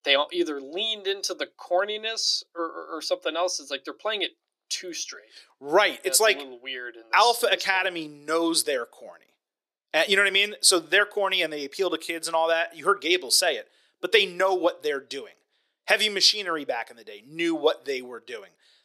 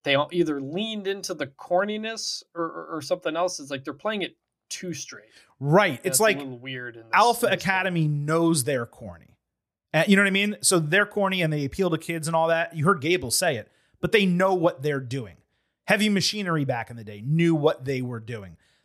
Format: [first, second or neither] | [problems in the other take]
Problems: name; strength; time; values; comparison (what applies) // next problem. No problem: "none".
second | thin; very; fading below 350 Hz